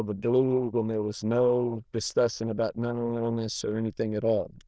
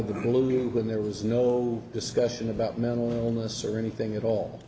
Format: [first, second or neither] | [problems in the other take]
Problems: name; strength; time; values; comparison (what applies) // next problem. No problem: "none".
second | noise reduction (neural diffusion model UNIVERSE++)